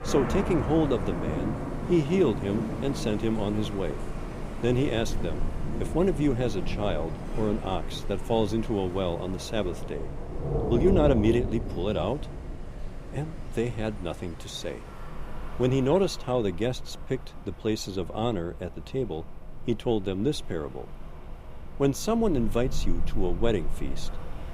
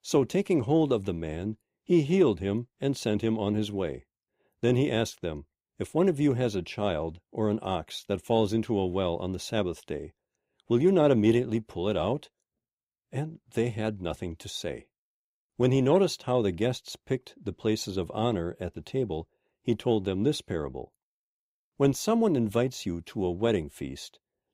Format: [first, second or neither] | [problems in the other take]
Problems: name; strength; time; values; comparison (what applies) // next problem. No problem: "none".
second | rain or running water; loud; throughout; 7 dB below the speech